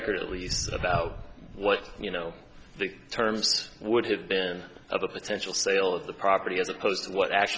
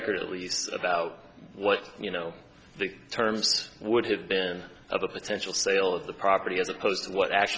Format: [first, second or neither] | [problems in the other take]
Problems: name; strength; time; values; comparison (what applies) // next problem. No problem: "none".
second | background sound (Walk, footsteps); 15 dB below the speech